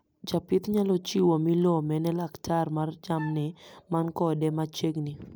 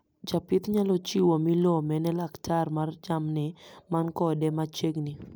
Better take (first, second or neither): second